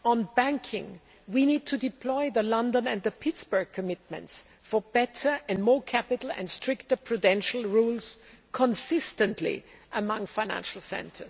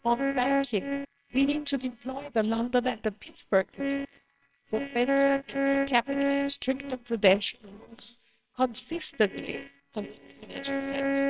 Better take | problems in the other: first | noise reduction (neural separator model SepFormer WHAMR!)

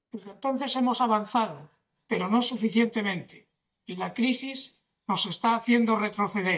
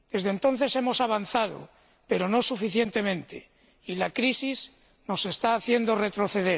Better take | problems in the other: second | noise reduction (neural mask model DeepFilterNet 3)

